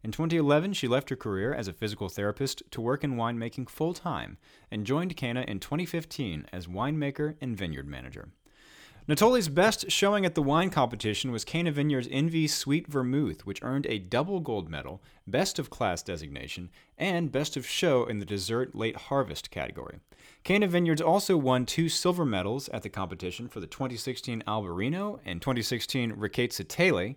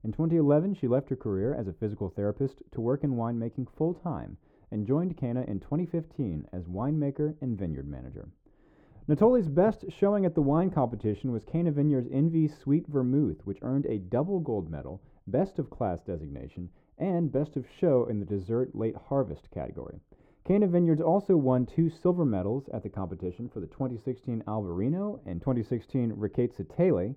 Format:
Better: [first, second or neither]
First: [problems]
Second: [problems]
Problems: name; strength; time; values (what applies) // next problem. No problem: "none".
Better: first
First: none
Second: muffled; very; fading above 1.5 kHz